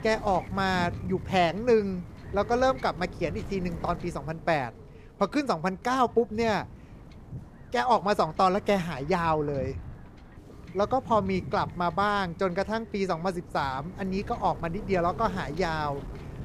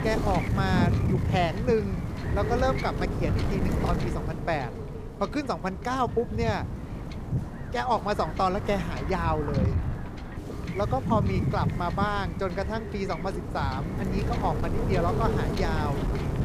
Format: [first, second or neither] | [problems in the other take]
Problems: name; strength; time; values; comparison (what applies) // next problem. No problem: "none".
first | wind noise on the microphone; heavy; 7 dB below the speech; occasional gusts in the first